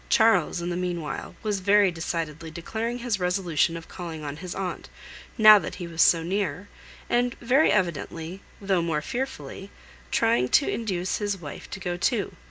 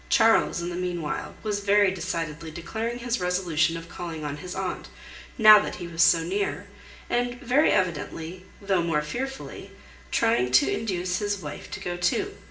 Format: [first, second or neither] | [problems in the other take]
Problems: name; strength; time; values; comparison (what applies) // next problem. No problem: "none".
first | room echo; dies away in 0.5 s